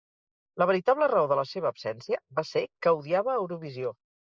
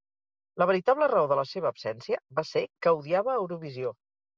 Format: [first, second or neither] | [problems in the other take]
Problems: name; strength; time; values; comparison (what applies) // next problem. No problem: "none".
second | noise reduction (neural mask model Resemble Enhance denoiser)